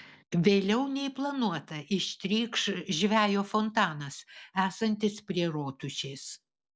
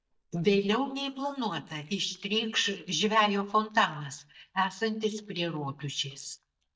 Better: first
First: none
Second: noise reduction (neural mask model DeepFilterNet 3)

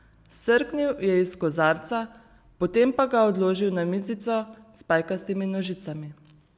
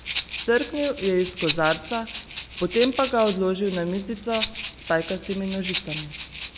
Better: first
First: none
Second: background sound (Rattle (instrument)); 8 dB below the speech

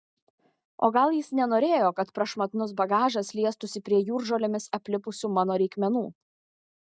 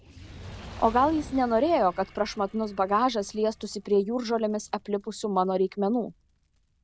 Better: first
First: none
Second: background sound (Fire); 19 dB below the speech

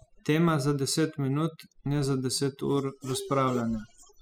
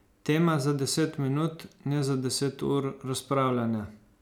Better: second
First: noise reduction (classical method spectral subtraction)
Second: none

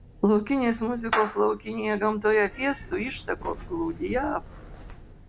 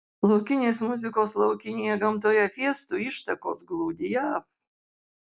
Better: second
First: background sound (Meow / Clapping); 12 dB below the speech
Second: none

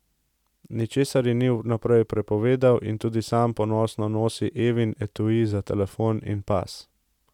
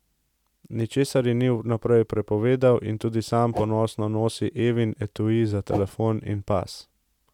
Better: first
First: none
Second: background sound (Whoosh, swoosh, swish); 8 dB below the speech

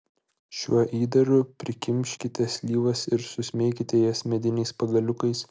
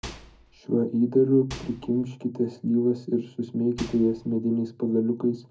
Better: first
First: none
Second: background sound (Microwave oven); 16 dB below the speech // room echo; dies away in 0.4 s

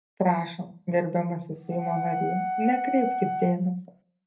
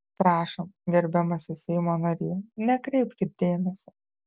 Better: second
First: background sound (Wind instrument, woodwind instrument); 3 dB below the speech // room echo; dies away in 0.3 s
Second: none

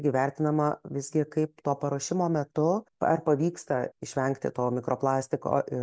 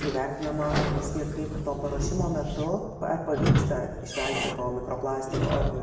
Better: first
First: none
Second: background sound (Squeak / Sliding door); 1 dB above the speech // room echo; dies away in 1.5 s

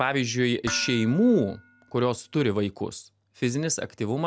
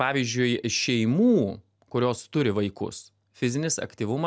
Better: second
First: background sound (Dishes, pots, and pans); 16 dB below the speech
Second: none

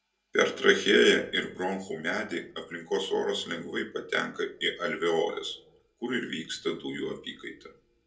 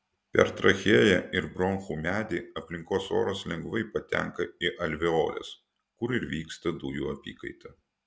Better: second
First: room echo; dies away in 0.2 s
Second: none

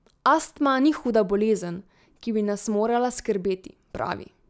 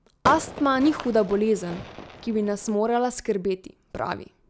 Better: first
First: none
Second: background sound (Fireworks); 10 dB below the speech

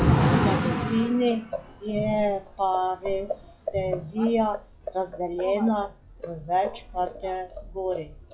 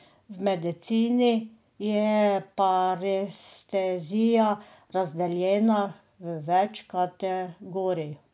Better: second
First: noise reduction (classical method log-MMSE)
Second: none

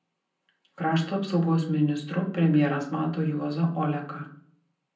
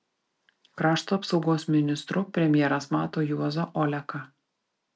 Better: second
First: room echo; dies away in 0.6 s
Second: none

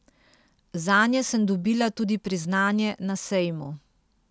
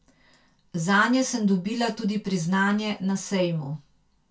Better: first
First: none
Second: room echo; dies away in 0.2 s

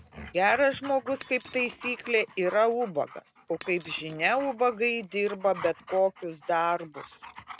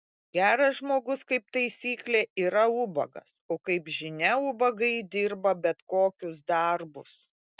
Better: second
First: background sound (Dog + Shatter); 18 dB below the speech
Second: none

